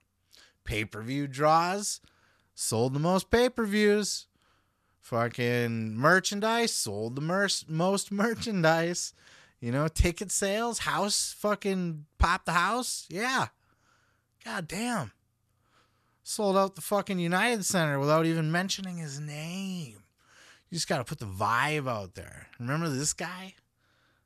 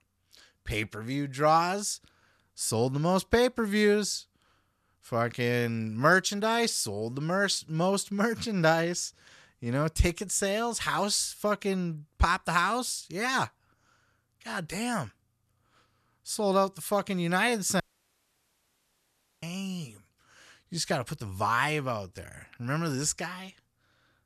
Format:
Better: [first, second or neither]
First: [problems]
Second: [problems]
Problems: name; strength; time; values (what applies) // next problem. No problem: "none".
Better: first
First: none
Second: audio cutting out; at 18 s for 1.5 s